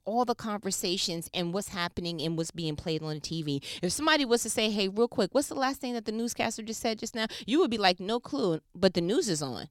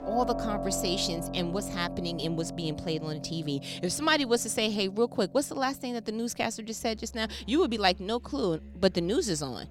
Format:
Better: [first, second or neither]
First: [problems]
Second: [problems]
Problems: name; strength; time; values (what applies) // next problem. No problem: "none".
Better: first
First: none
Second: background music; noticeable; throughout; 10 dB below the speech